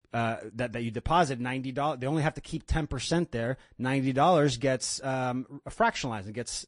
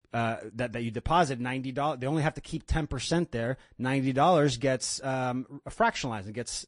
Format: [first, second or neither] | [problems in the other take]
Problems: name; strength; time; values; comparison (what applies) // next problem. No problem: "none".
neither | garbled, watery; slightly; nothing above 10.5 kHz; the same in both